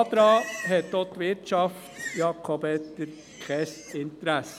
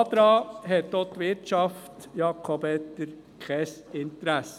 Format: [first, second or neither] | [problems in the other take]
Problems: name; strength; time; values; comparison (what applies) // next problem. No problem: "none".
second | background sound (Livestock, farm animals, working animals); 16 dB below the speech